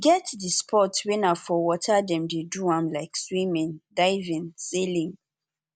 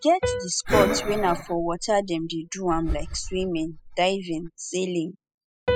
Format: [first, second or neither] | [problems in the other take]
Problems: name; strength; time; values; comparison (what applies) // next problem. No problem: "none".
first | noise reduction (classical method spectral subtraction)